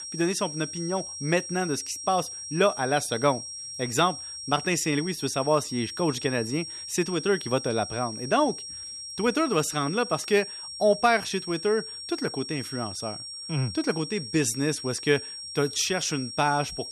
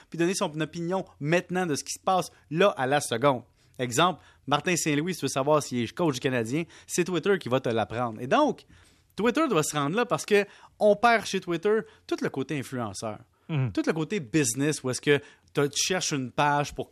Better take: second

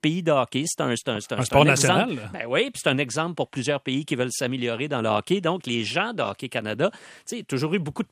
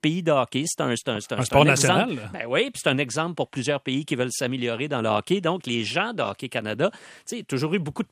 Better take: neither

